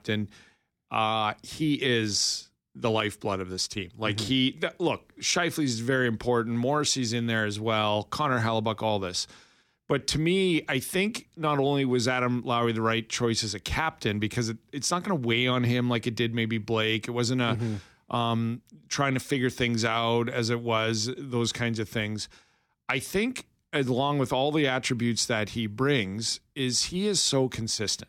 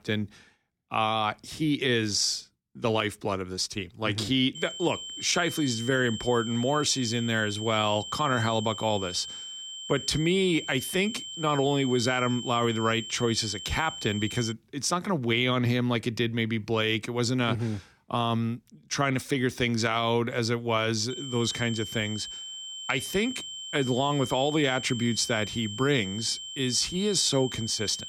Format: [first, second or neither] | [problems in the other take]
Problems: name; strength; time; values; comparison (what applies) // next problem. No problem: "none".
first | high-pitched whine; loud; from 4.5 to 15 s and from 21 s on; 3 kHz, 9 dB below the speech